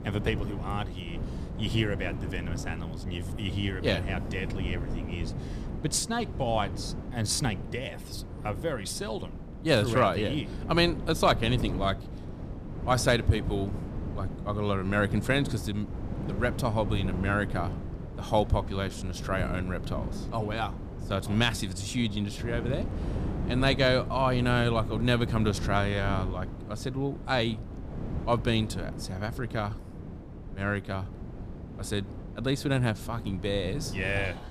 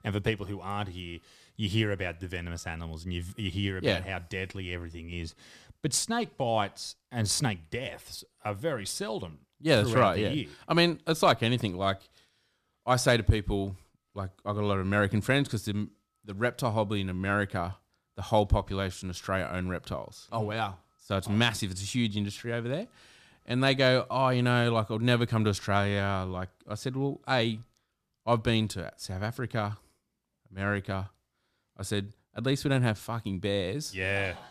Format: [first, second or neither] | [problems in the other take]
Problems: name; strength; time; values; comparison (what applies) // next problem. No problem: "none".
second | wind noise on the microphone; occasional gusts; 15 dB below the speech